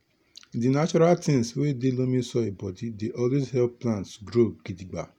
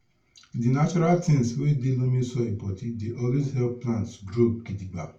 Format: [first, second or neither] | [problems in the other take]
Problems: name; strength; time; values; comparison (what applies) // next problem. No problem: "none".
first | room echo; dies away in 0.3 s